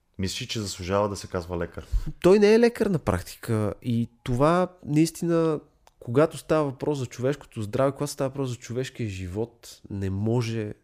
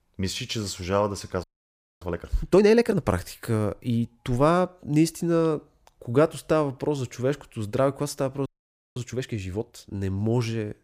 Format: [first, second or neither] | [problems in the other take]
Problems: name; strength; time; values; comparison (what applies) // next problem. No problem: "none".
first | audio freezing; at 1.5 s for 0.5 s and at 8.5 s for 0.5 s